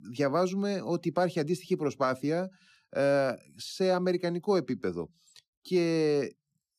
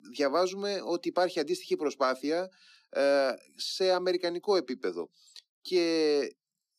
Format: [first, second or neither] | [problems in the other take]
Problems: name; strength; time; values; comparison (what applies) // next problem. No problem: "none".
first | thin; very slightly; fading below 300 Hz